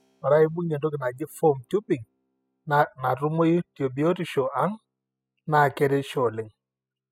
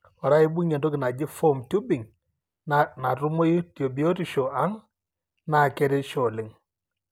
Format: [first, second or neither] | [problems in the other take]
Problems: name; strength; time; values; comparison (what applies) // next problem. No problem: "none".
second | noise reduction (classical method spectral subtraction)